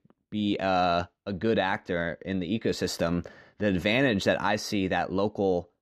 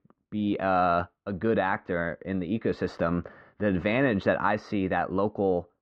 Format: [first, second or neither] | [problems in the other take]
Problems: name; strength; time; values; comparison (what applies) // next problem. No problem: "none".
first | muffled; very; fading above 2 kHz